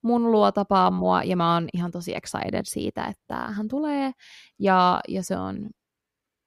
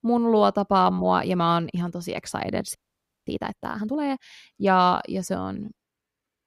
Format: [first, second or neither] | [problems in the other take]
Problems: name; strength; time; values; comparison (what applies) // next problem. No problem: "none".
first | audio freezing; at 3 s for 0.5 s